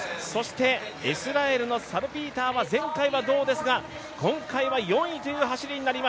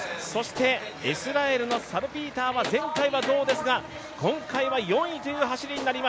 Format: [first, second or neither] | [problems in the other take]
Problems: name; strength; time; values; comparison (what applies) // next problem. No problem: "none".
first | background sound (Gunshot, gunfire); 14 dB below the speech